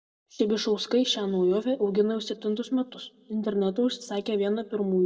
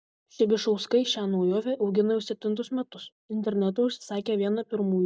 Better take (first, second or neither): second